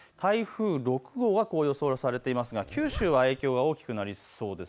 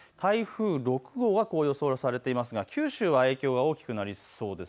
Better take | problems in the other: second | background sound (Zipper (clothing)); 14 dB below the speech

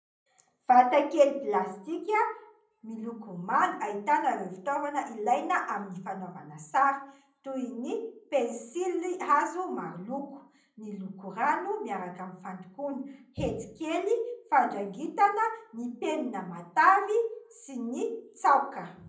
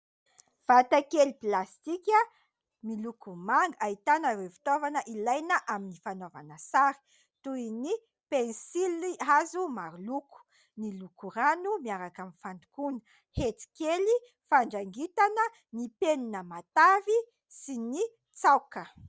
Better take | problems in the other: second | room echo; dies away in 0.6 s

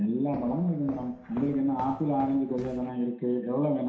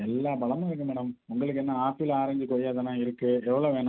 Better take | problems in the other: second | background sound (Walk, footsteps); 17 dB below the speech // room echo; dies away in 0.7 s

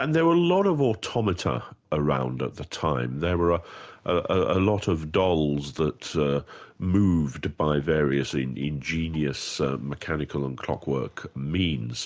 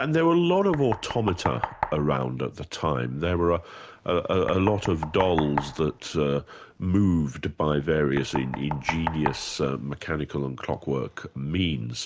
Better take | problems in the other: first | background sound (Knock); 10 dB below the speech

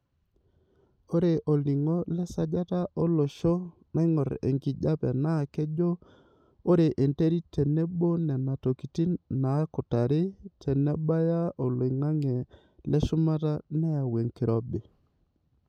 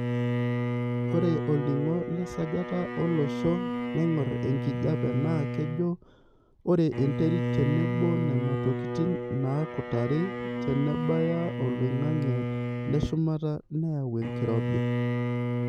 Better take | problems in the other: first | background sound (Bowed string instrument); 2 dB below the speech

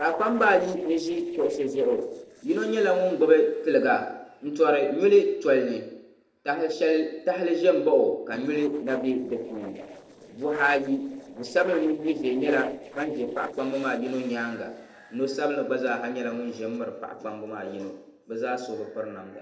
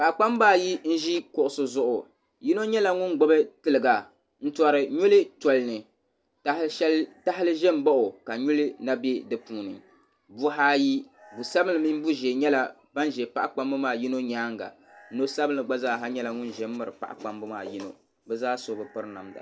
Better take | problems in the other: second | noise reduction (neural separator model SepFormer DNS4)

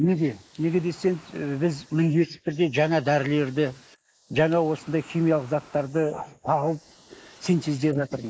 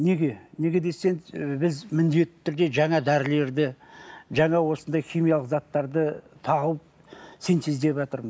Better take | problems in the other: second | noise reduction (neural mask model Resemble Enhance denoiser)

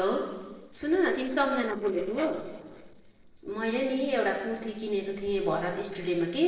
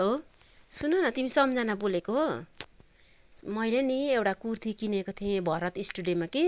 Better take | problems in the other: second | noise reduction (neural separator model SepFormer DNS4)

